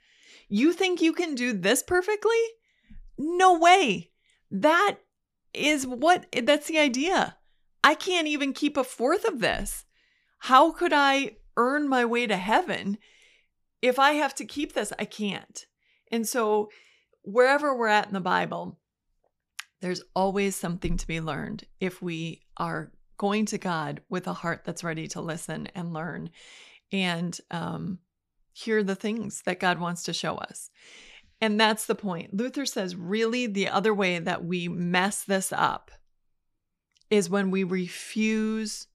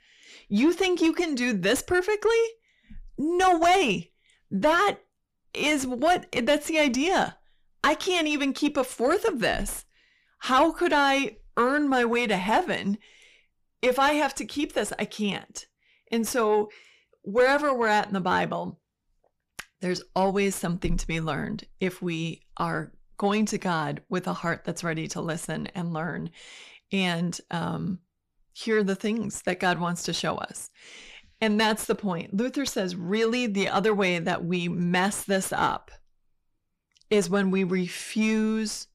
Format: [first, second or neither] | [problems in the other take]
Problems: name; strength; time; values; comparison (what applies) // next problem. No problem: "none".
first | distortion; slight; 10 dB below the speech